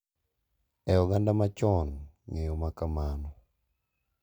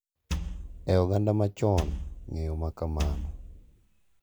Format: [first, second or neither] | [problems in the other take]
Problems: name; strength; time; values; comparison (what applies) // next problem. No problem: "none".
first | background sound (Wood); 7 dB below the speech